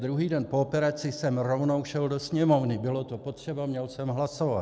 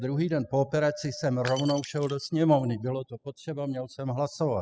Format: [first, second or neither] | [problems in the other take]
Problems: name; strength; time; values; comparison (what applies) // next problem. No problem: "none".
first | noise reduction (classical method spectral subtraction)